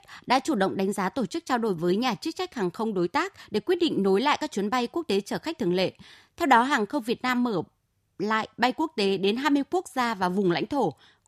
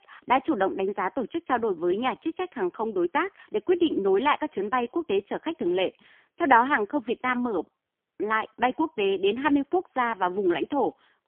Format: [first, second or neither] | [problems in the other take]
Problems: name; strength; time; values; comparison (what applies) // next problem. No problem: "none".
first | phone-call audio; poor line; nothing above 3.5 kHz